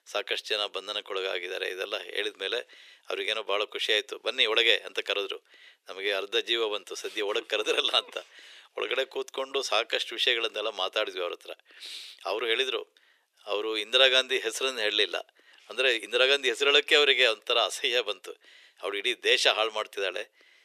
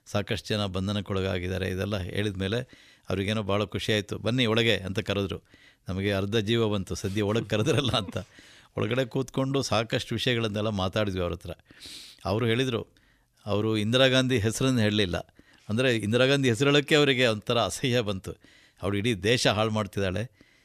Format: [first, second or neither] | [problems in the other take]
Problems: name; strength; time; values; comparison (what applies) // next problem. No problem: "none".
second | thin; very; fading below 400 Hz